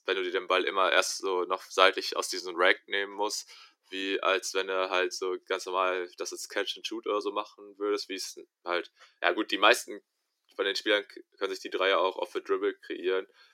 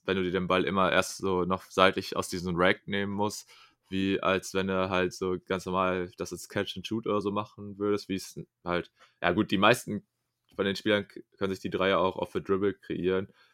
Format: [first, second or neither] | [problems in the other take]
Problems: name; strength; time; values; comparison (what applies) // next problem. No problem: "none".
second | thin; somewhat; fading below 300 Hz